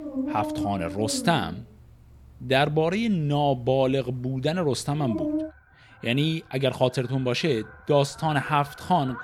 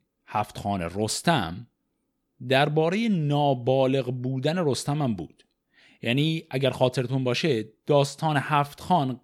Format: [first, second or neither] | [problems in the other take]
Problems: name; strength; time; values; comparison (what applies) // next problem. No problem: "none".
second | animal sounds; loud; throughout; 8 dB below the speech